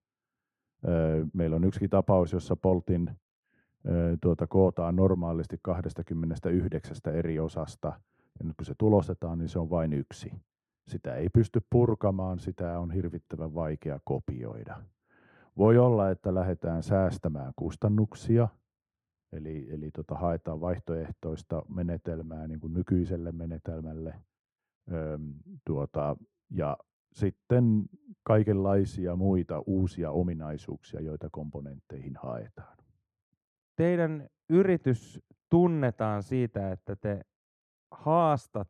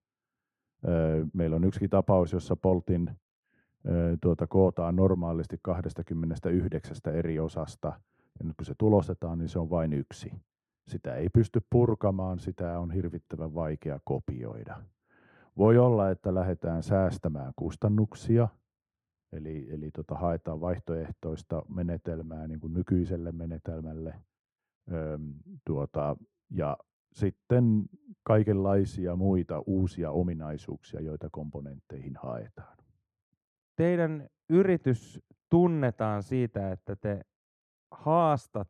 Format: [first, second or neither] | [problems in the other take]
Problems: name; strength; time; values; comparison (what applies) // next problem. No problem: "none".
neither | muffled; slightly; fading above 2 kHz; the same in both